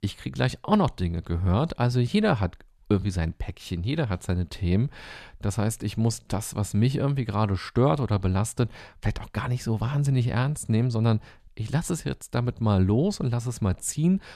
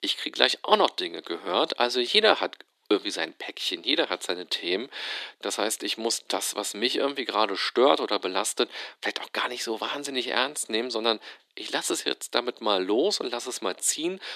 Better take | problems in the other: first | thin; very; fading below 300 Hz

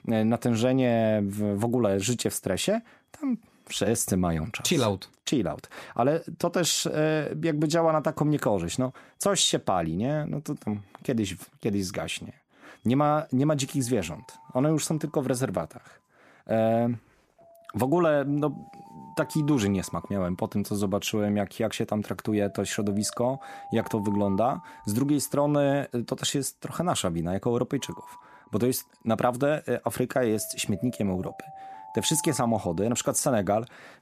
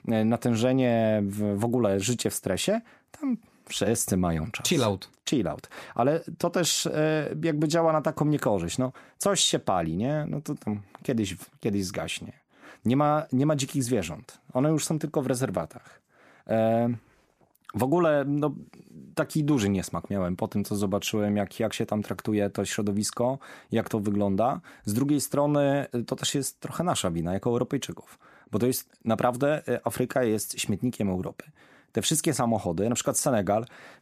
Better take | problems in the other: second | alarms or sirens; noticeable; throughout; 20 dB below the speech

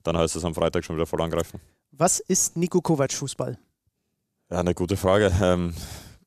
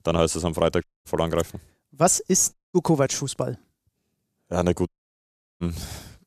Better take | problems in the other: first | audio cutting out; at 1 s, at 2.5 s and at 5 s for 0.5 s

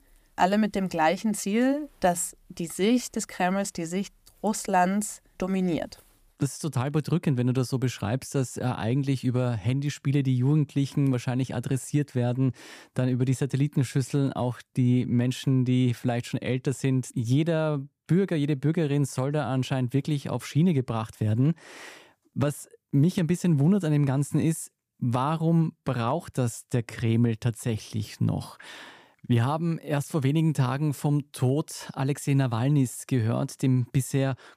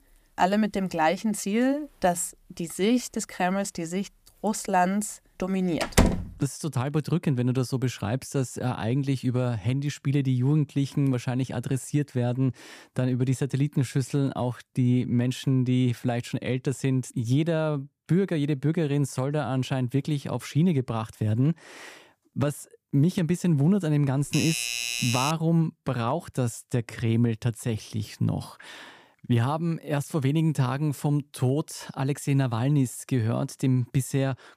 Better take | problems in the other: first | door banging; loud; at 6 s; peak 4 dB above the speech // doorbell; noticeable; from 24 to 25 s; peak level with the speech

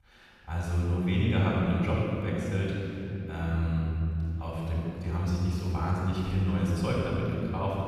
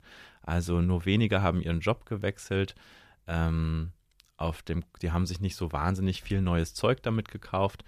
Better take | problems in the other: second | room echo; strong; dies away in 3 s // off-mic speech; far

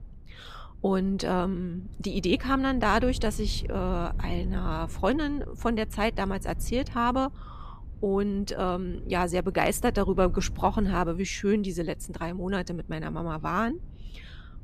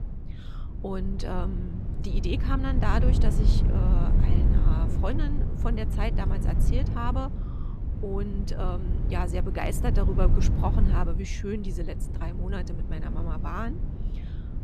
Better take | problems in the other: first | low rumble; loud; throughout; 6 dB below the speech; faint in the first

